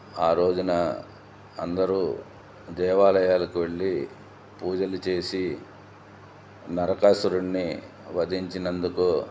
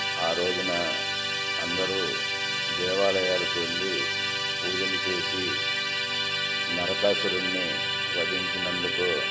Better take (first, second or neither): first